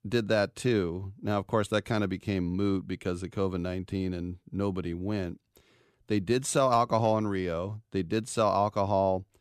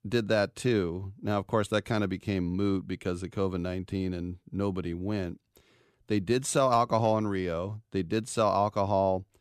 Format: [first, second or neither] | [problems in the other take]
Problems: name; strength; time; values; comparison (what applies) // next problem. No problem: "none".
neither | none